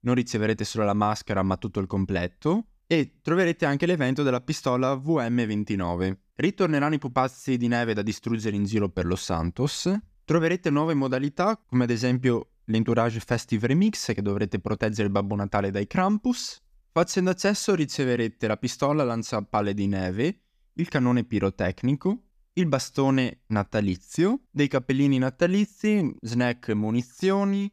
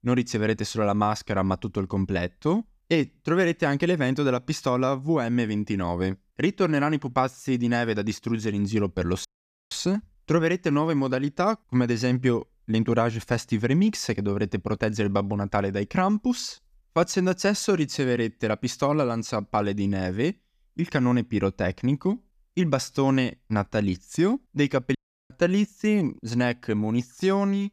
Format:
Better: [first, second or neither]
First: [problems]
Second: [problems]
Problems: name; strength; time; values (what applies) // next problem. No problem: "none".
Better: first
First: none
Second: audio cutting out; at 9.5 s and at 25 s